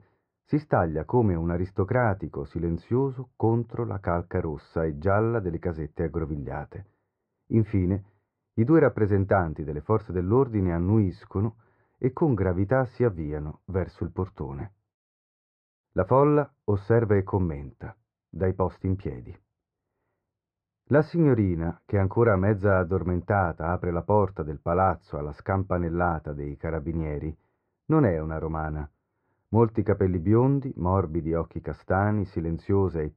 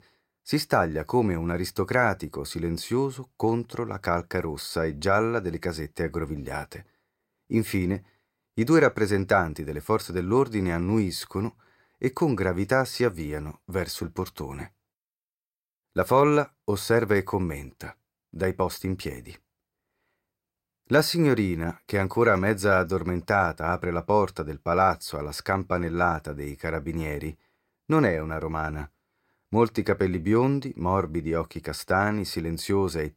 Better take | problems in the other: second | muffled; very; fading above 1 kHz

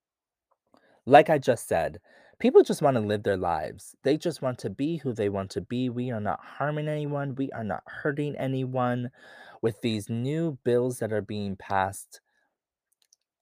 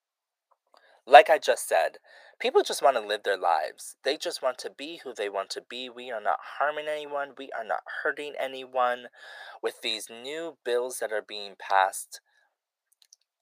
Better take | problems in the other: first | thin; very; fading below 600 Hz

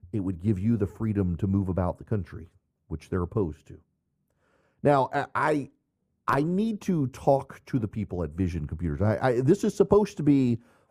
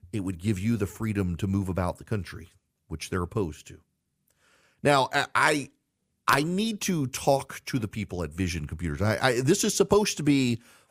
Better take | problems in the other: second | muffled; slightly; fading above 1.5 kHz

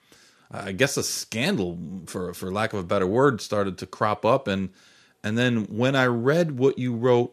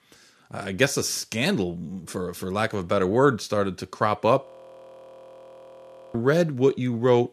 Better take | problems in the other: first | audio freezing; at 4.5 s for 1.5 s

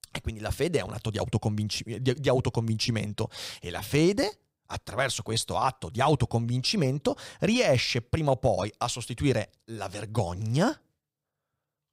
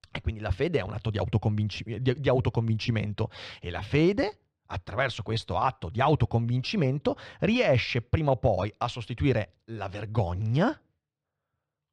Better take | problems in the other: first | muffled; slightly; fading above 2.5 kHz

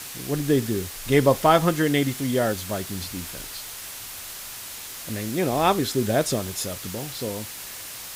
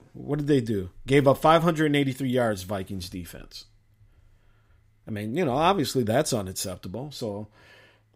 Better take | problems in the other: second | hiss; noticeable; throughout; 10 dB below the speech

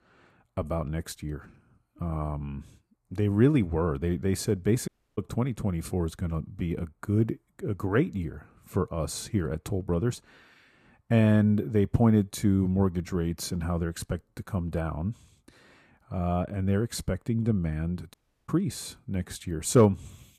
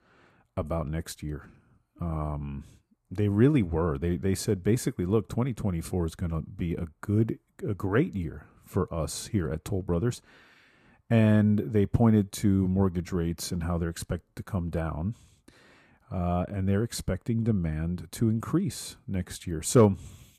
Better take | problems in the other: second | audio cutting out; at 5 s and at 18 s

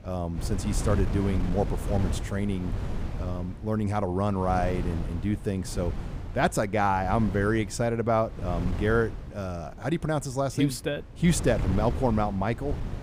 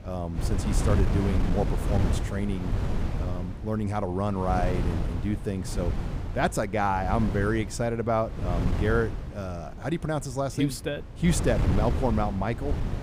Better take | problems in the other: first | wind noise on the microphone; heavy; 8 dB below the speech; occasional gusts in the first

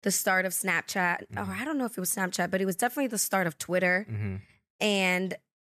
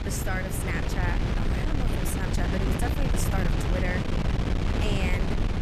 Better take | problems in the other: first | wind noise on the microphone; heavy; 1 dB above the speech

